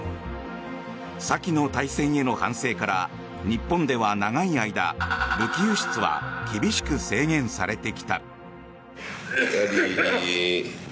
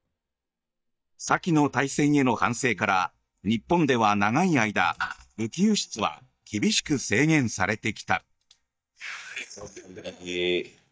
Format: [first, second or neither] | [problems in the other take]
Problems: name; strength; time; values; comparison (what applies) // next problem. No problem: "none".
first | noise reduction (neural mask model DeepFilterNet 3)